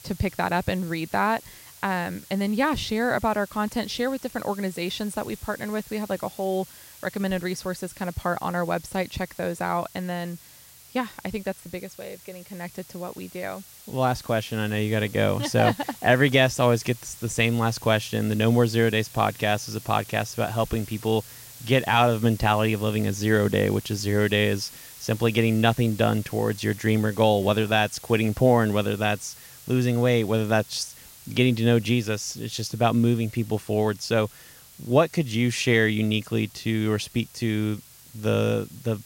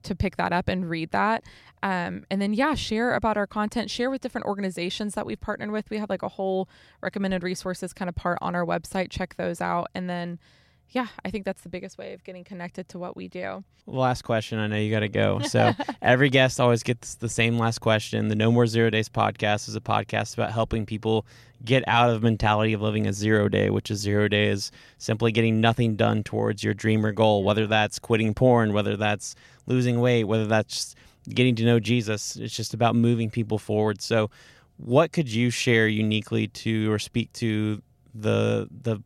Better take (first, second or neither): second